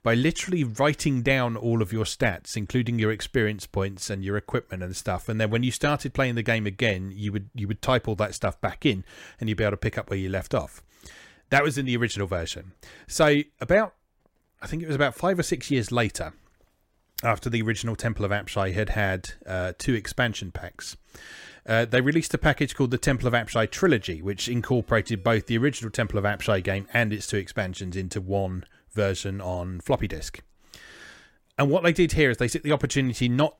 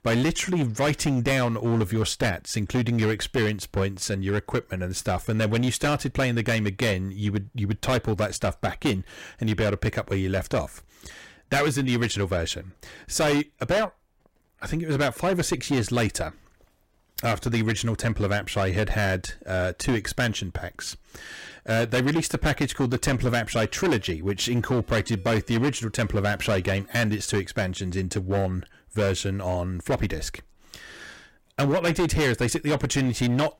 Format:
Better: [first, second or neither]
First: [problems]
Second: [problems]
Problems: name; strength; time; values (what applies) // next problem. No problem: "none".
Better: first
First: none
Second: distortion; heavy; 12% of the sound clipped